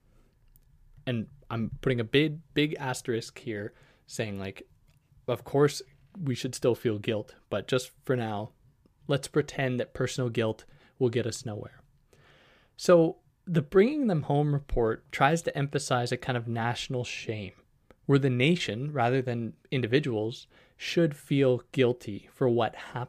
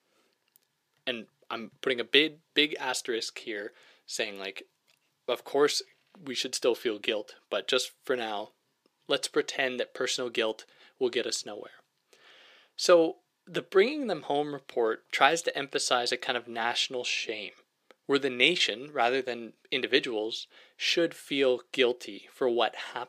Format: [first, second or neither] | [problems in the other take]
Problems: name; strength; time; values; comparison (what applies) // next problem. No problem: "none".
first | thin; somewhat; fading below 300 Hz